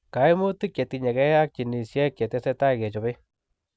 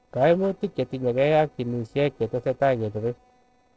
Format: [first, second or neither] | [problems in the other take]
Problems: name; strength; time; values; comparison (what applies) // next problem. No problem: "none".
first | noise reduction (neural separator model SepFormer DNS4)